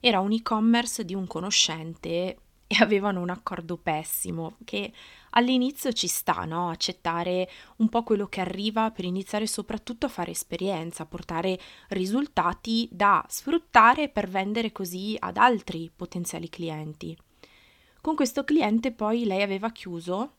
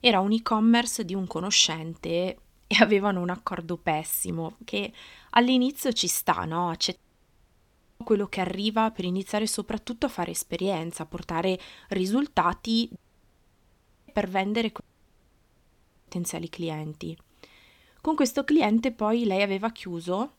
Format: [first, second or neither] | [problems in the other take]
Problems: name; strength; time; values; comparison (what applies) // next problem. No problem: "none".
first | audio cutting out; at 7 s for 1 s, at 13 s for 1 s and at 15 s for 1.5 s